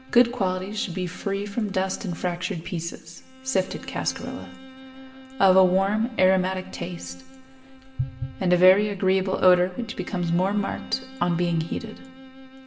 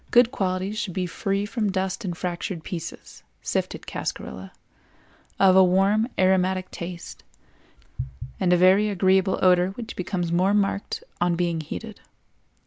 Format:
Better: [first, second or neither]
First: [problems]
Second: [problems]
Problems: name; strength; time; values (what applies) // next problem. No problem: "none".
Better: second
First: background sound (Bowed string instrument); 20 dB below the speech // room echo; dies away in 0.7 s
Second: none